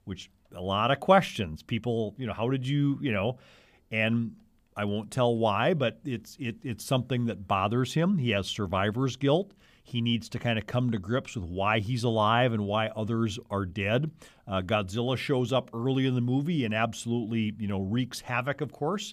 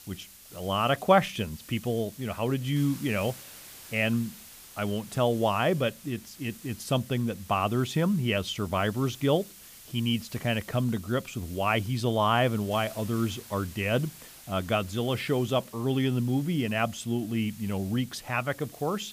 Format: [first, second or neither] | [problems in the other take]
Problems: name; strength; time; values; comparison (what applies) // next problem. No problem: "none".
first | hiss; noticeable; throughout; 20 dB below the speech